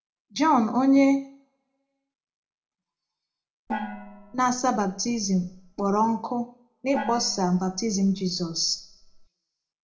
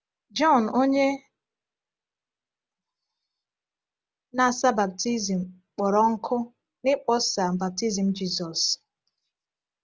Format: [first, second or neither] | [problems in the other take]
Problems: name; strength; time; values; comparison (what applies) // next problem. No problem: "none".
second | background sound (Gong); 12 dB below the speech // room echo; dies away in 0.3 s